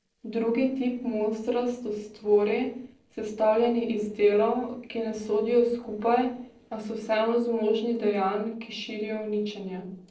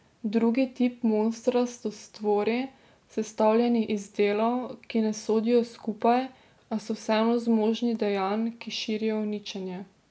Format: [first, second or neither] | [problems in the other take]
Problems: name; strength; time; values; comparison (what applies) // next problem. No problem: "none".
second | noise reduction (neural separator model SepFormer DNS4)